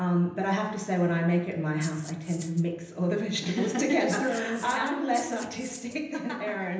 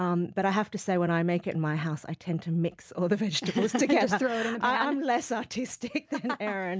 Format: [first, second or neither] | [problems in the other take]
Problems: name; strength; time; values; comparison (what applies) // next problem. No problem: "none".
second | background sound (Rattle (instrument)); 18 dB below the speech // room echo; dies away in 0.9 s